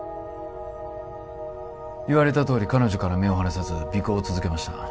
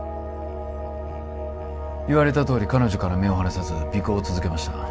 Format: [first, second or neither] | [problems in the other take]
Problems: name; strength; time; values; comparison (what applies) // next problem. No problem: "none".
first | background sound (Musical instrument); 9 dB below the speech